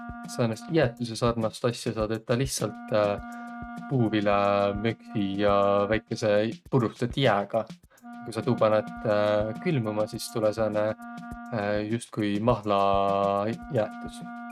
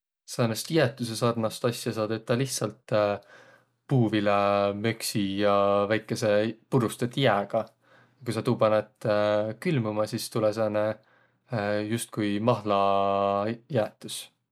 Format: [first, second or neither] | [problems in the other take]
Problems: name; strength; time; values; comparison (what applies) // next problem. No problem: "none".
second | noise reduction (neural mask model RNNoise)